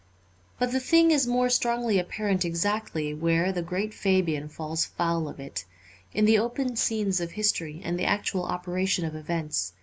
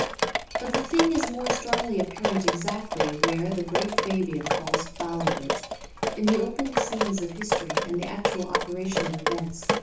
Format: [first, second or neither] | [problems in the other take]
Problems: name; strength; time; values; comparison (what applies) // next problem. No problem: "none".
first | background sound (Drip); 1 dB above the speech // room echo; dies away in 0.7 s